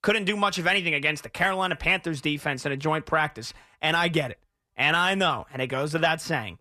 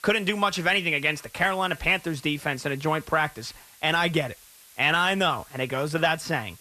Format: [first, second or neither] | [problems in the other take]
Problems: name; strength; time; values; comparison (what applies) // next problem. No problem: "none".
first | hiss; faint; throughout; 25 dB below the speech